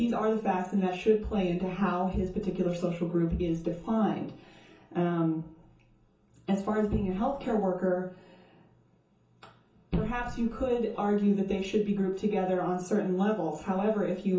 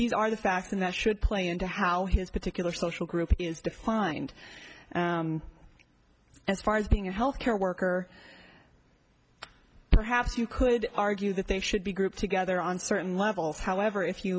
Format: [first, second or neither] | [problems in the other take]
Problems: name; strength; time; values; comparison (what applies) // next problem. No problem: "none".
second | room echo; dies away in 0.6 s